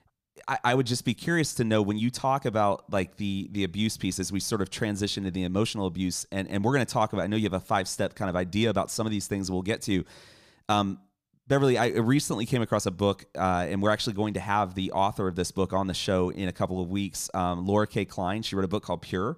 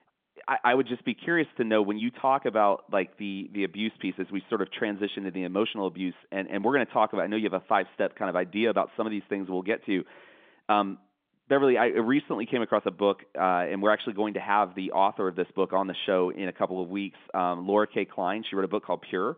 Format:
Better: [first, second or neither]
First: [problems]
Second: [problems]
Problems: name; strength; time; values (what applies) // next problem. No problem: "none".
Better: first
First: none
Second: phone-call audio; nothing above 3.5 kHz